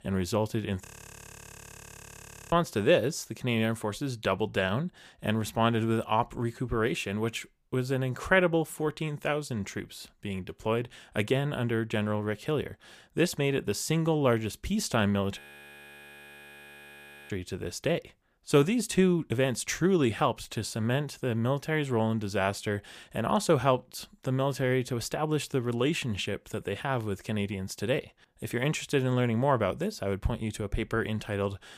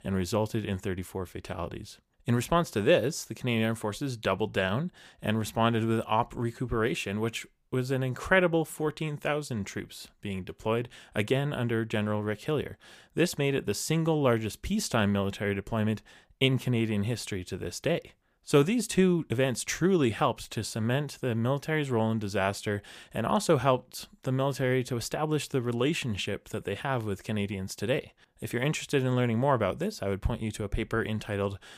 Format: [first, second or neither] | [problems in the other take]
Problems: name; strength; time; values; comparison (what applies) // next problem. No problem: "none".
second | audio freezing; at 1 s for 1.5 s and at 15 s for 2 s